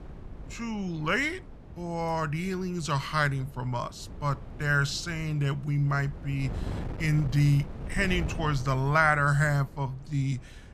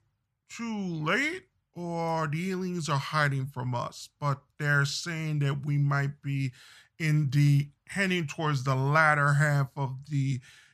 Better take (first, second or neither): second